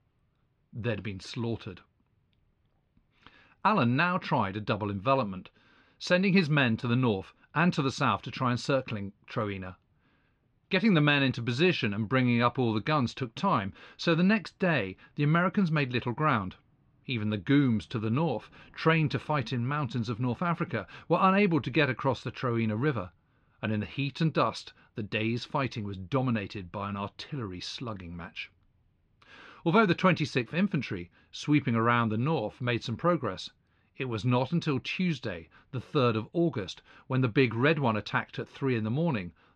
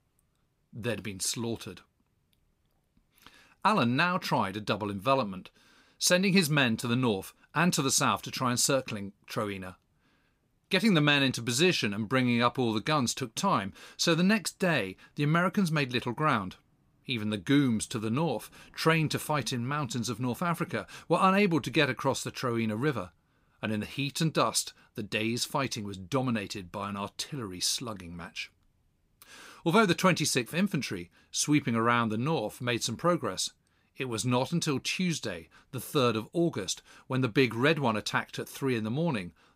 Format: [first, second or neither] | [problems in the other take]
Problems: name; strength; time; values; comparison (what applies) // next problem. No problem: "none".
second | muffled; slightly; fading above 3.5 kHz